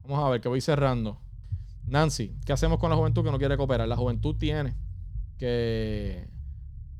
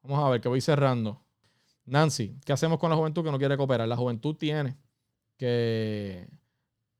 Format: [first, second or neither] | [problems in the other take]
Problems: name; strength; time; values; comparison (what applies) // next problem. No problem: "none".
second | low rumble; noticeable; throughout; 20 dB below the speech